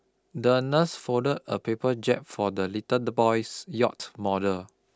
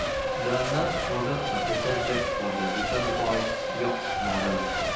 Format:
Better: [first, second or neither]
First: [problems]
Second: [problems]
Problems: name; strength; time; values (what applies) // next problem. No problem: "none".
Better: first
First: none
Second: background sound (Race car, auto racing / Accelerating, revving, vroom / Mechanisms); 3 dB above the speech // room echo; dies away in 0.9 s